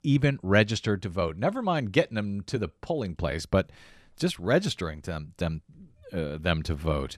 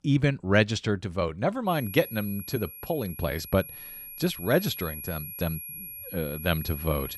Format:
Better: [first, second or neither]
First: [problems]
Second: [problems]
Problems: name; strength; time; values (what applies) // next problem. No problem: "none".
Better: first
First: none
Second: high-pitched whine; loud; from 1.5 s on; 11.5 kHz, 10 dB below the speech